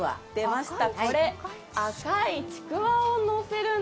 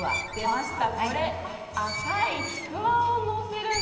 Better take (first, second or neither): first